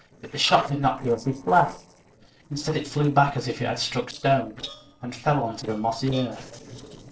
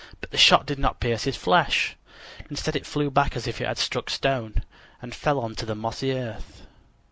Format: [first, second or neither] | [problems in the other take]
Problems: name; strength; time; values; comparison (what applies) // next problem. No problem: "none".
second | noise reduction (neural separator model SepFormer DNS4)